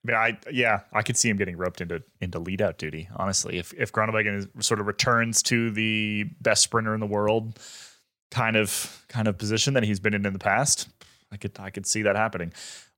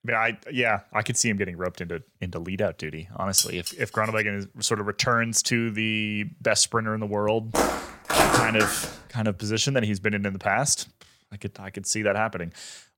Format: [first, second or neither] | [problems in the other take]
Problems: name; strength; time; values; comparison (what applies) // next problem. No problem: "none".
first | clattering dishes; loud; at 3.5 s; peak 1 dB above the speech // footsteps; loud; from 7.5 to 9 s; peak 6 dB above the speech